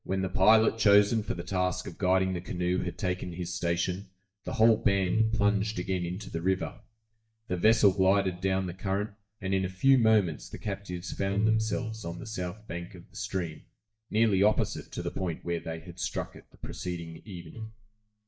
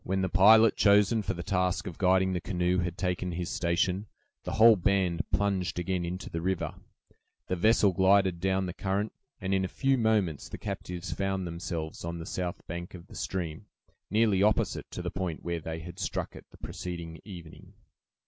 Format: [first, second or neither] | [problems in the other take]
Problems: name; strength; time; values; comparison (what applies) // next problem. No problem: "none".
second | noise reduction (neural mask model DeepFilterNet 3)